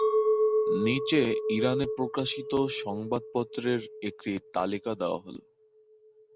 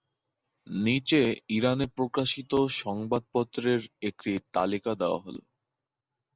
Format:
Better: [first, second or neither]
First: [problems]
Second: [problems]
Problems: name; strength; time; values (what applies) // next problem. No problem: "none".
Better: second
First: background sound (Chink, clink); as loud as the speech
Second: none